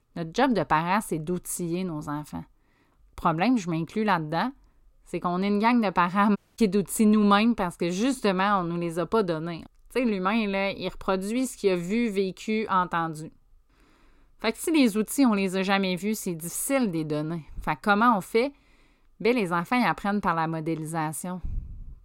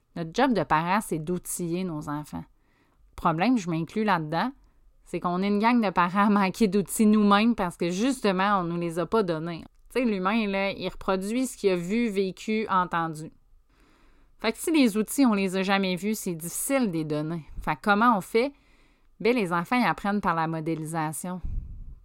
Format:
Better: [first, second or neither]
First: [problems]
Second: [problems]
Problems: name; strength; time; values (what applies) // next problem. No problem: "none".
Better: second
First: audio cutting out; at 6.5 s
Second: none